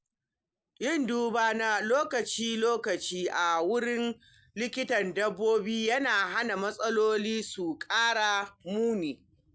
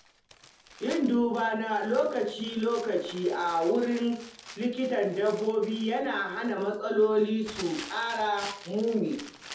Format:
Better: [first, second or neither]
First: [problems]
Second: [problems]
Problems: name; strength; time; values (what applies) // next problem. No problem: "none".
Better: first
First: none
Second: background sound (Crumpling, crinkling); 18 dB below the speech // room echo; dies away in 0.5 s